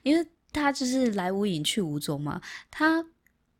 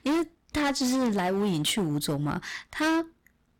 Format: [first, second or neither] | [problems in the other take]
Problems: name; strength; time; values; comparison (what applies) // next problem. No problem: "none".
first | distortion; heavy; 18% of the sound clipped